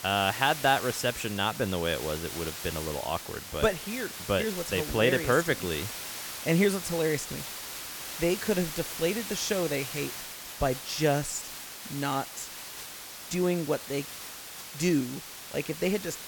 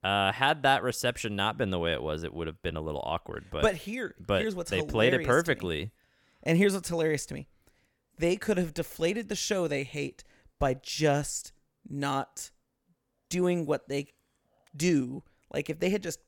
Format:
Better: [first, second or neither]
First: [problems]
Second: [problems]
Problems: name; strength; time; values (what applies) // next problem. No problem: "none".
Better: second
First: hiss; loud; throughout; 8 dB below the speech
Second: none